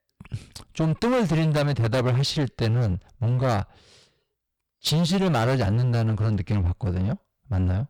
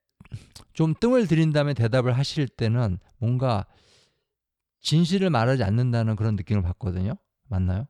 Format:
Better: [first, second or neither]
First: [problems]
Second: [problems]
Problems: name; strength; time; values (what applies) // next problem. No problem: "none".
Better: second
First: distortion; heavy; 20% of the sound clipped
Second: none